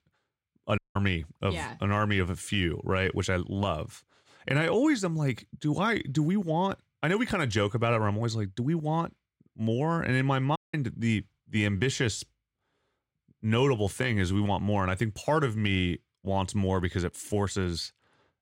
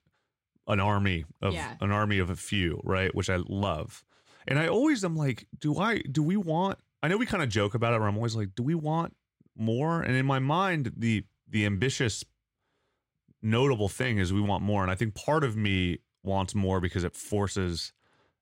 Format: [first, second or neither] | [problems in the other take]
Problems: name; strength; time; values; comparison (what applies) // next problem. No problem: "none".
second | audio cutting out; at 1 s and at 11 s